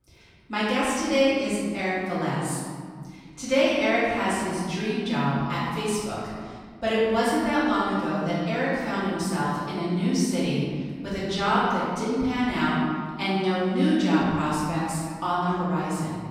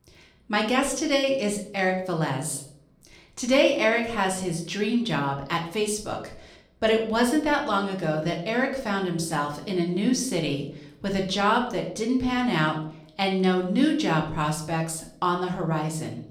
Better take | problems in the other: second | room echo; strong; dies away in 1.9 s; slight in the second // off-mic speech; far; somewhat distant in the second

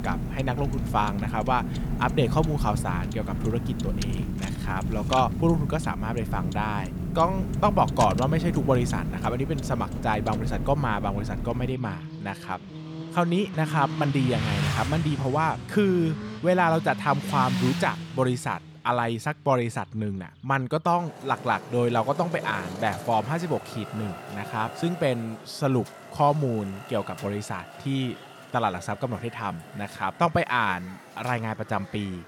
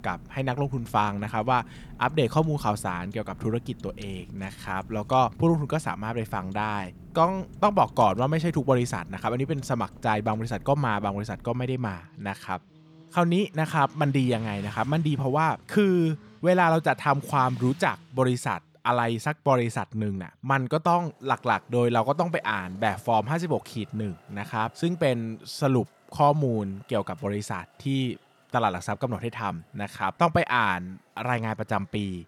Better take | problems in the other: second | traffic noise; loud; throughout; 5 dB below the speech; faint in the second

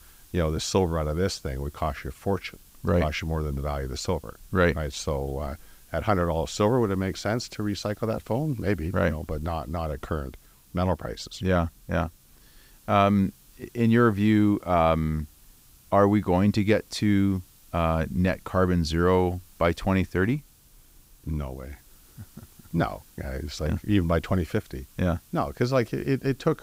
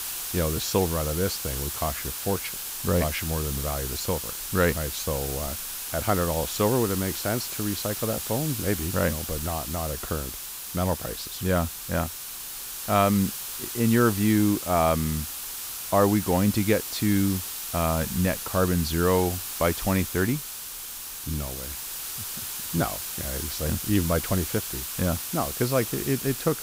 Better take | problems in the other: first | hiss; loud; throughout; 5 dB below the speech; faint in the first

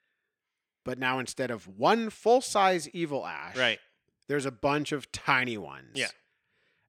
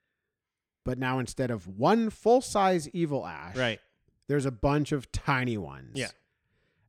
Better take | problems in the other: second | thin; very slightly; fading below 800 Hz

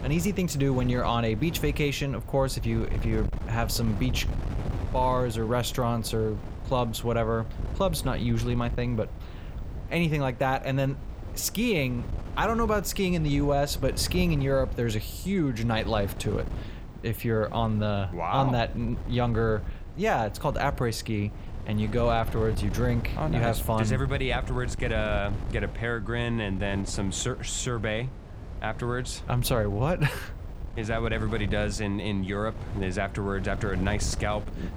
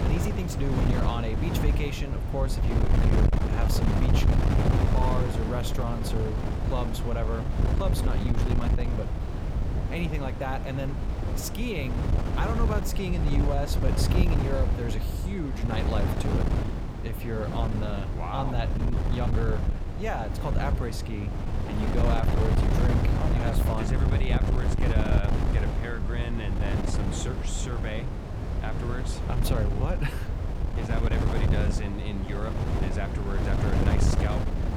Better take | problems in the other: first | wind noise on the microphone; heavy; 1 dB below the speech; occasional gusts in the first

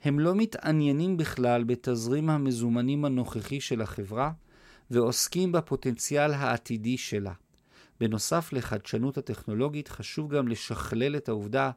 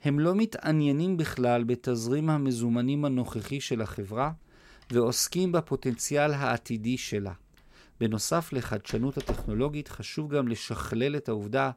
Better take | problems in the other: first | door banging; noticeable; from 5 to 10 s; peak 9 dB below the speech

